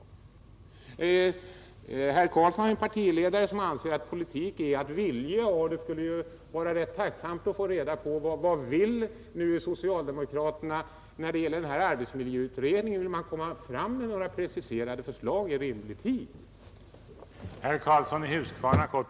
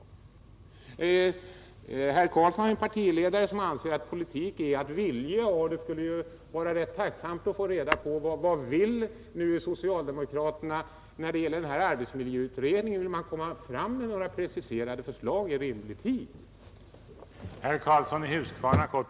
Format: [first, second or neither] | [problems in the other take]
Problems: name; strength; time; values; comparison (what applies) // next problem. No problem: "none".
first | background sound (Tap / Hammer); 10 dB below the speech